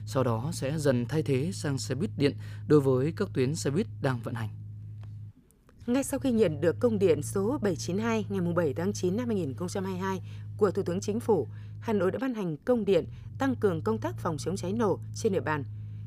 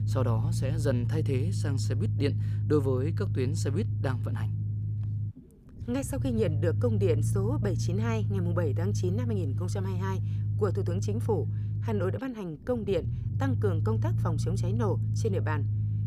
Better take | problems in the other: first | low rumble; loud; throughout; 9 dB below the speech; faint in the first

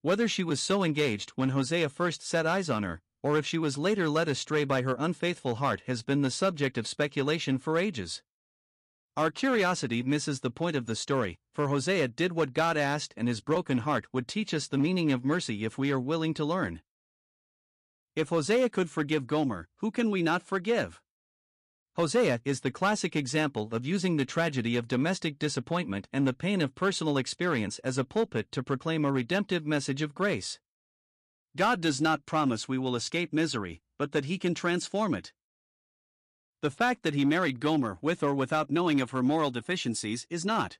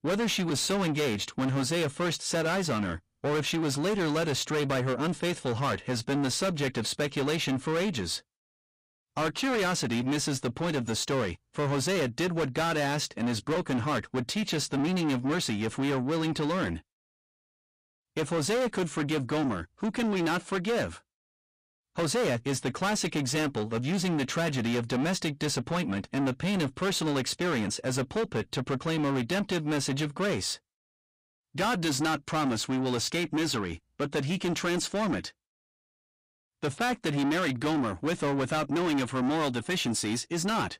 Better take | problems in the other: first | distortion; heavy; 8 dB below the speech

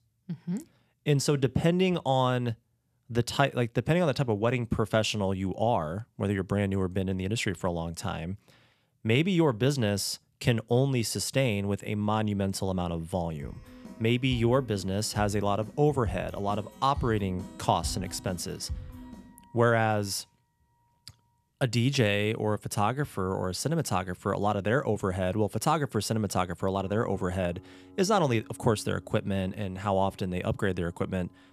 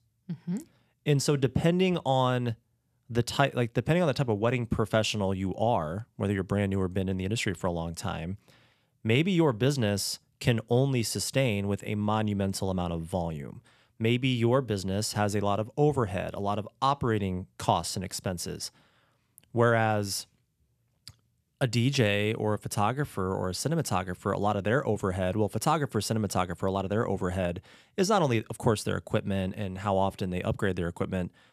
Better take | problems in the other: second | background music; noticeable; from 13 s on; 15 dB below the speech

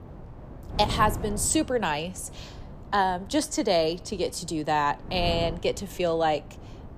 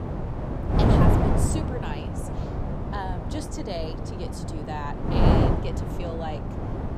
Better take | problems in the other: first | wind noise on the microphone; heavy; 4 dB above the speech; occasional gusts in the first

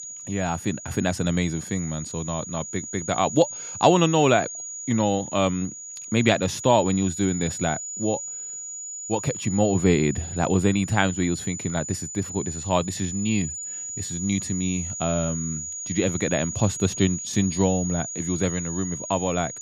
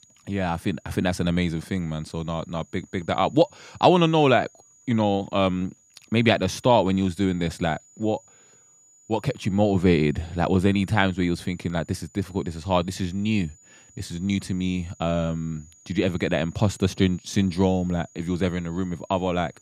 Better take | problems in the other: second | high-pitched whine; loud; throughout; 7 kHz, 7 dB below the speech; faint in the second

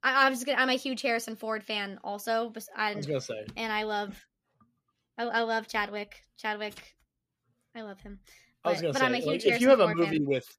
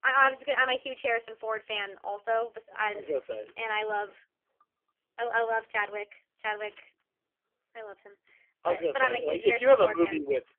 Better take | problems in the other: first | phone-call audio; poor line; nothing above 3 kHz

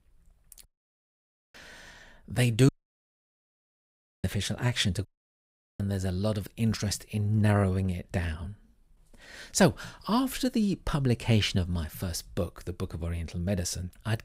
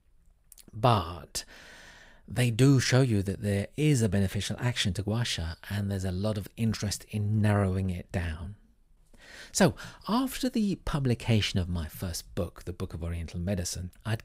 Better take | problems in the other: second | audio cutting out; at 0.5 s for 1 s, at 2.5 s for 1.5 s and at 5 s for 0.5 s

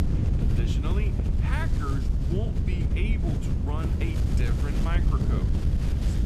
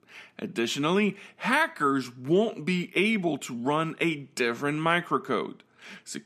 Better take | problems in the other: second | wind noise on the microphone; heavy; as loud as the speech

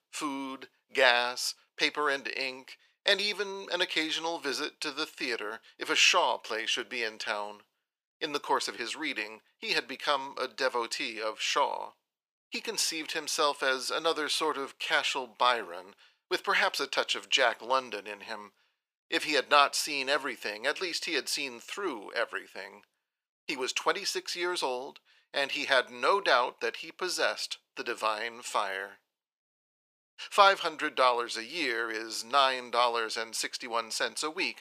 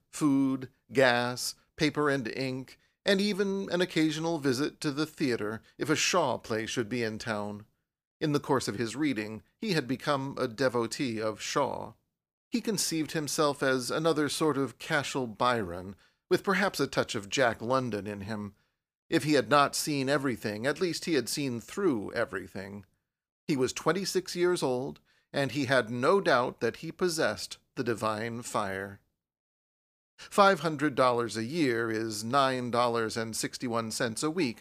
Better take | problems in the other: second | thin; very; fading below 500 Hz

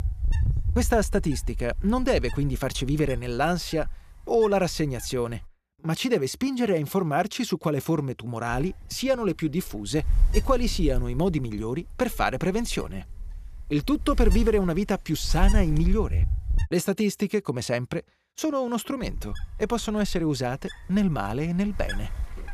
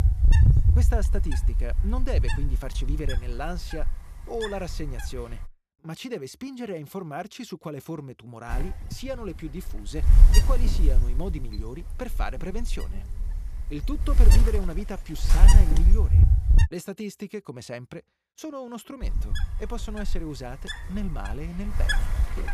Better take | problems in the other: first | wind noise on the microphone; heavy; until 5.5 s, from 8.5 to 17 s and from 19 s on; as loud as the speech; occasional gusts in the first

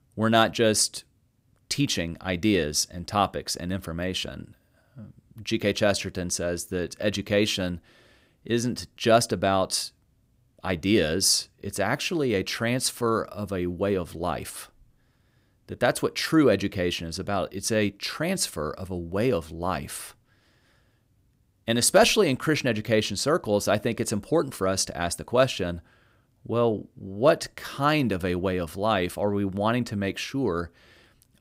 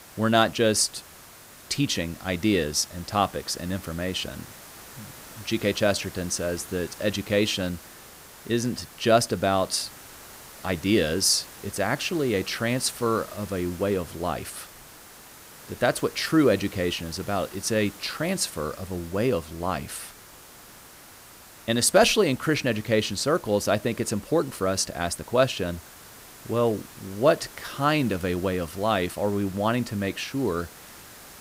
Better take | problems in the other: first | hiss; noticeable; throughout; 20 dB below the speech

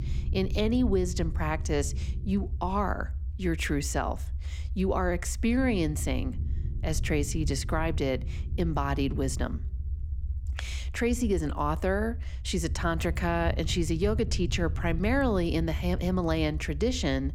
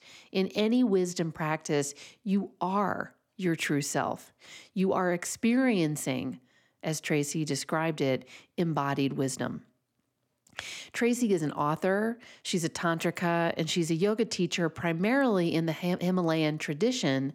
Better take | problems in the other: second | low rumble; noticeable; throughout; 20 dB below the speech

